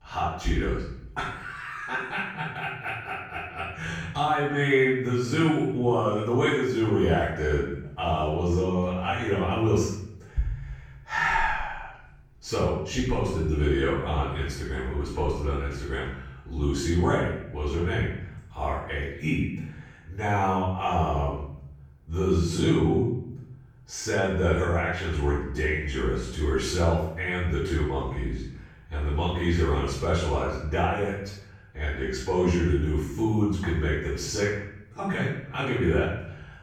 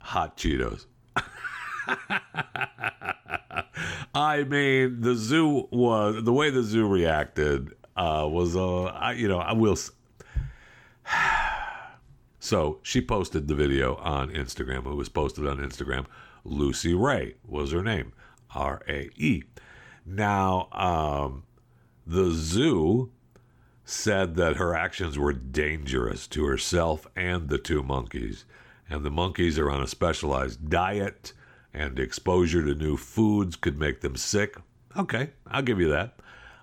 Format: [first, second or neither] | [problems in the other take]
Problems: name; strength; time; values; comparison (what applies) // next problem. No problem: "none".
second | room echo; noticeable; dies away in 0.7 s // off-mic speech; far